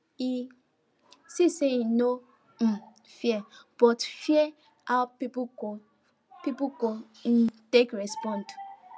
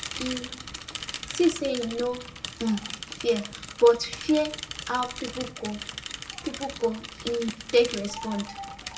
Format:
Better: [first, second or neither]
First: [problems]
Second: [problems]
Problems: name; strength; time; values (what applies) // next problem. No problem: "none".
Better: first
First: none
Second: background sound (Mechanisms / Bicycle); 10 dB below the speech // room echo; dies away in 0.5 s